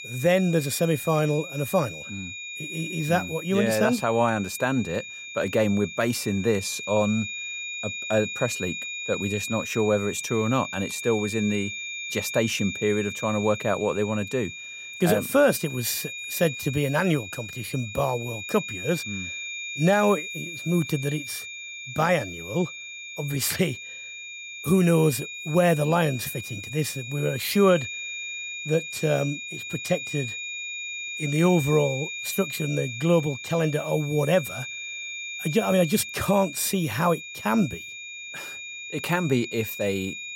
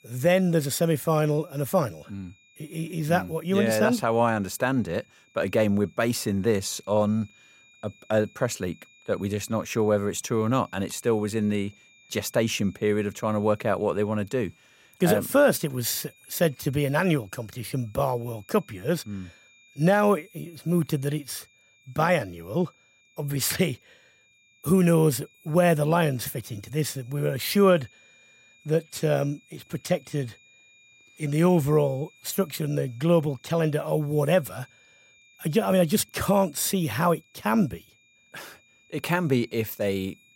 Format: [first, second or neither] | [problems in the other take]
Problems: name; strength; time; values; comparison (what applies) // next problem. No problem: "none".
second | high-pitched whine; loud; throughout; 2.5 kHz, 8 dB below the speech; faint in the second